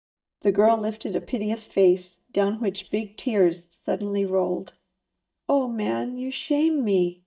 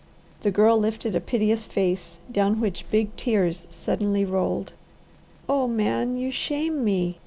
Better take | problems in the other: second | noise reduction (neural mask model DeepFilterNet 3)

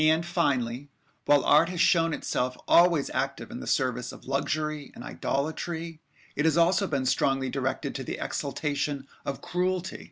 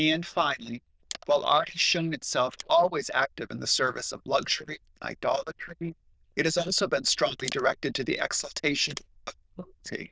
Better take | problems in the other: first | noise reduction (neural diffusion model UNIVERSE++)

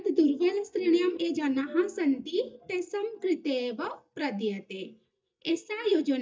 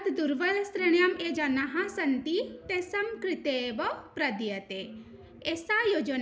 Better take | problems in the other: second | noise reduction (neural mask model DeepFilterNet 3)

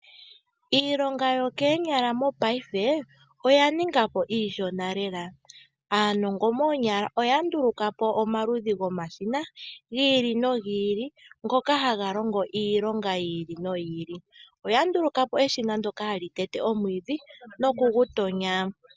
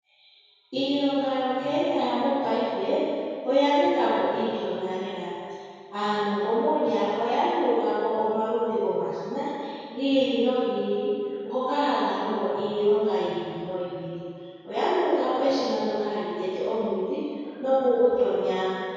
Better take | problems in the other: first | room echo; dies away in 2.2 s

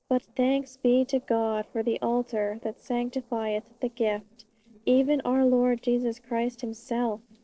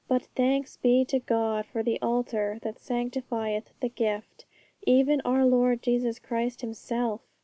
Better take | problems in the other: second | noise reduction (neural separator model SepFormer DNS4)

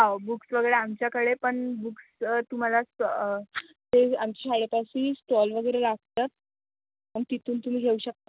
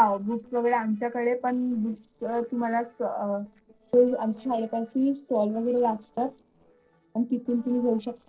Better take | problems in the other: first | noise reduction (neural separator model SepFormer DNS4)

